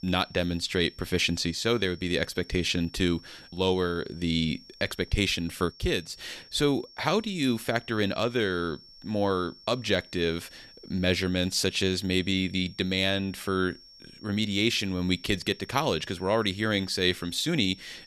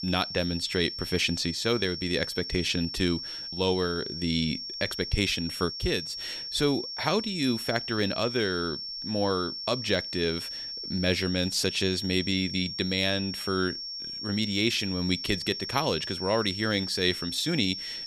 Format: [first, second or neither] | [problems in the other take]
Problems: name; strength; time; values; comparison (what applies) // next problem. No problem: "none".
first | high-pitched whine; loud; throughout; 5.5 kHz, 6 dB below the speech; faint in the first